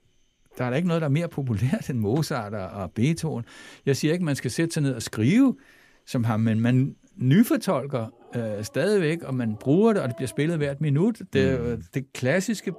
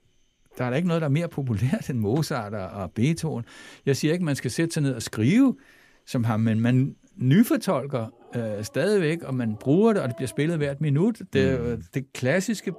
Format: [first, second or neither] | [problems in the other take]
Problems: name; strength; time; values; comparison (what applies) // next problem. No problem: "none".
neither | animal sounds; faint; throughout; 25 dB below the speech; the same in both